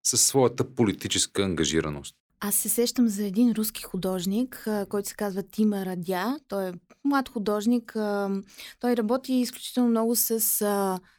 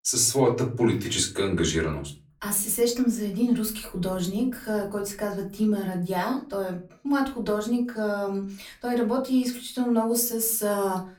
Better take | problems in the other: first | off-mic speech; far // room echo; very slight; dies away in 0.4 s

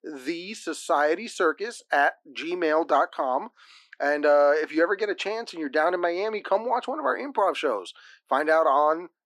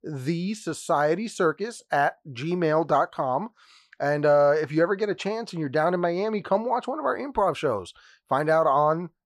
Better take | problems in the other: second | thin; somewhat; fading below 250 Hz

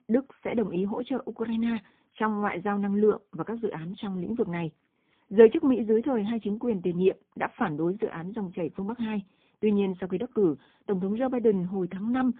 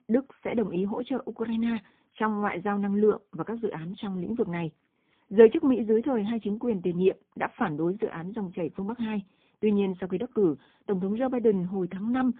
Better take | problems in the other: neither | phone-call audio; poor line; nothing above 3.5 kHz; the same in both

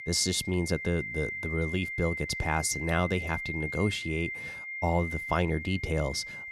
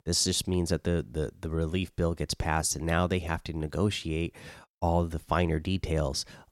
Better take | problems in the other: second | high-pitched whine; loud; throughout; 2 kHz, 5 dB below the speech

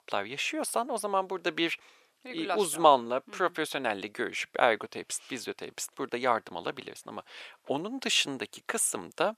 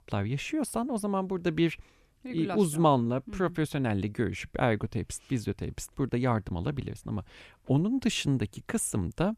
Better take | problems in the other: second | thin; very; fading below 600 Hz

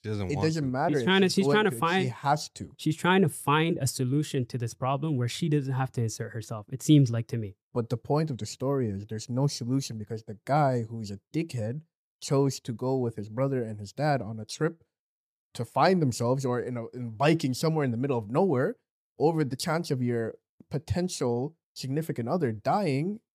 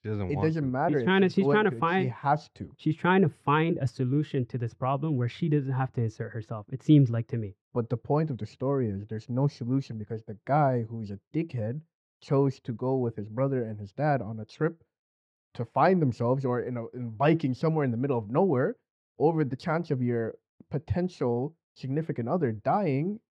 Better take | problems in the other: first | muffled; slightly; fading above 2 kHz

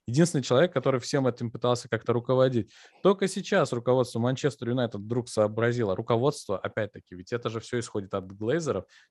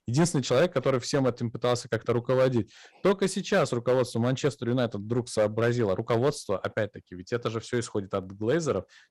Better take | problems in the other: first | distortion; slight; 4% of the sound clipped

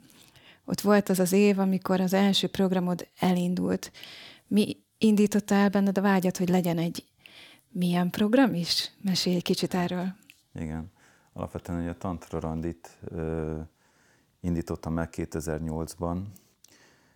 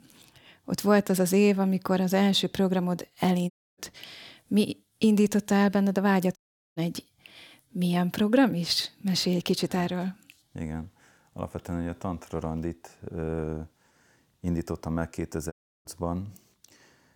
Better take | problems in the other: first | audio cutting out; at 3.5 s, at 6.5 s and at 16 s

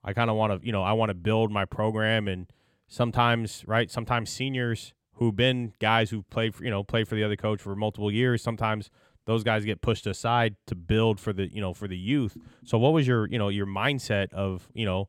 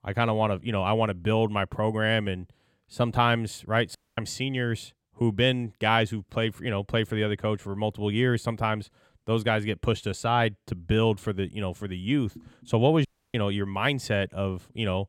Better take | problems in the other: first | audio cutting out; at 4 s and at 13 s

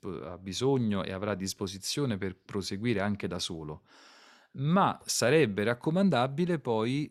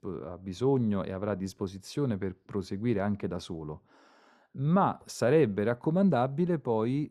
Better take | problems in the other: first | muffled; slightly; fading above 1.5 kHz

